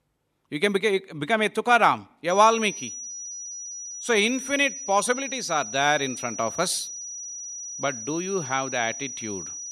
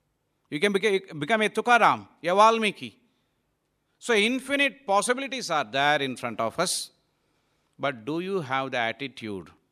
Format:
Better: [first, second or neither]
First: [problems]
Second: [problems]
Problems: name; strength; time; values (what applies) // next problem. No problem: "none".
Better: second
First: high-pitched whine; loud; from 2.5 s on; 6 kHz, 9 dB below the speech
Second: none